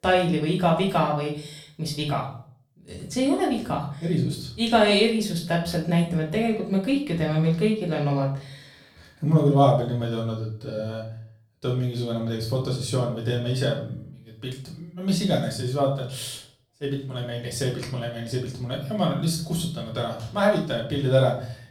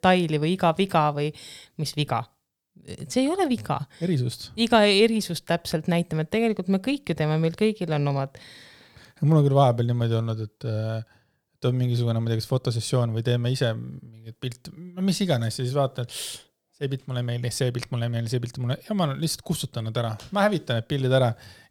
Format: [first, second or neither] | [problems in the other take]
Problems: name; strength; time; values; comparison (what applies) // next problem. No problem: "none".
second | off-mic speech; far // room echo; slight; dies away in 0.4 s